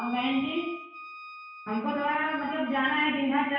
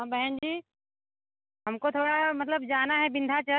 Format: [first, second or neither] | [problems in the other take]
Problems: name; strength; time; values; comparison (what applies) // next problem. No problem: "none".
second | background sound (Wind instrument, woodwind instrument); 15 dB below the speech // room echo; dies away in 0.6 s